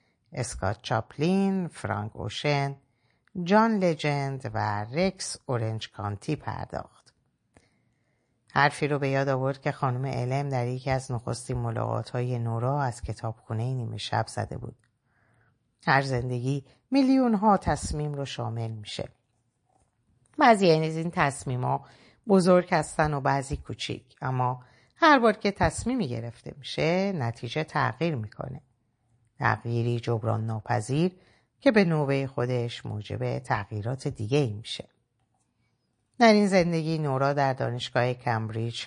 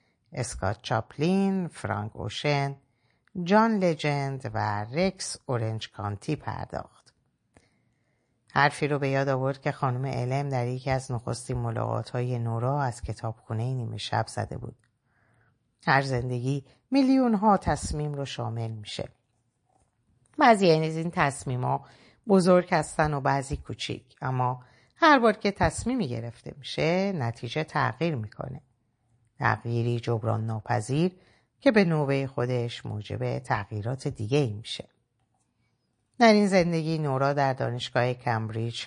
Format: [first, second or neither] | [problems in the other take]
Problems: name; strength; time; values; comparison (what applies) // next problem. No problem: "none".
neither | garbled, watery; slightly; nothing above 10 kHz; the same in both